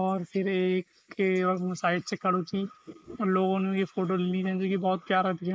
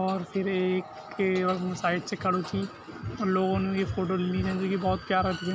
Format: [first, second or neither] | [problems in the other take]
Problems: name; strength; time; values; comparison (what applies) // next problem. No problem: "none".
second | noise reduction (neural mask model Resemble Enhance denoiser)